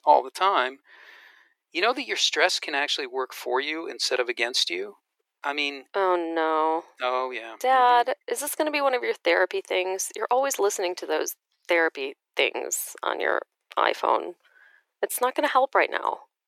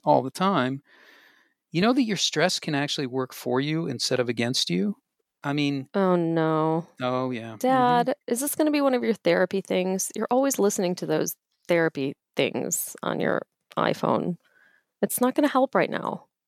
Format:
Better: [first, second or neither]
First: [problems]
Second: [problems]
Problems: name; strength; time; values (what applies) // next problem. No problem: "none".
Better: second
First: thin; very; fading below 350 Hz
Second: none